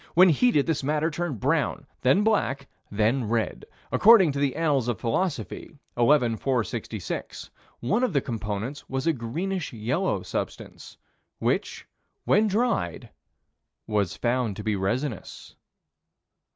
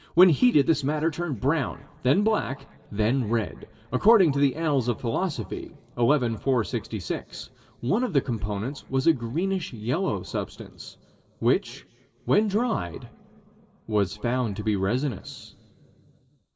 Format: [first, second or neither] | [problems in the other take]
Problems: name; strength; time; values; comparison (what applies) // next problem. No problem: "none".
first | room echo; dies away in 2.5 s